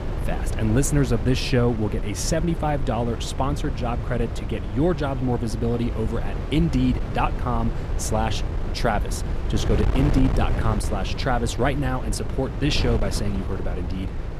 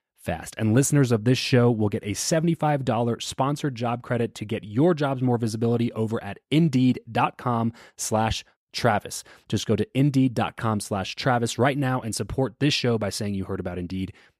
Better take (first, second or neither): second